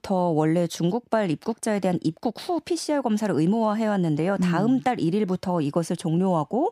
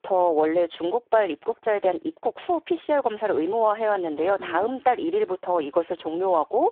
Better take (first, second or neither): first